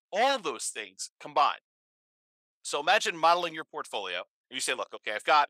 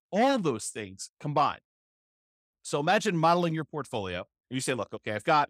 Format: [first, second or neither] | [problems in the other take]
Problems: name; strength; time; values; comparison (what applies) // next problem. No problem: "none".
second | thin; very; fading below 600 Hz